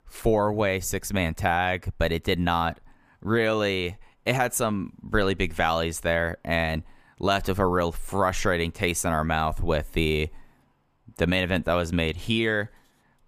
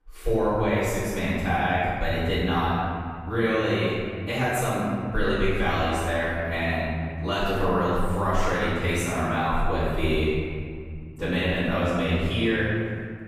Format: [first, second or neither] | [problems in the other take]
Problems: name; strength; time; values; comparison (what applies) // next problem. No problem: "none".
first | off-mic speech; far // room echo; strong; dies away in 2.1 s